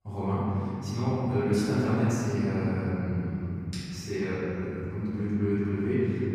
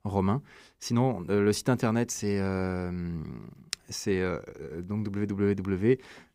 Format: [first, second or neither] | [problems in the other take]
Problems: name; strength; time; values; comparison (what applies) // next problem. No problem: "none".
second | room echo; strong; dies away in 3 s // off-mic speech; far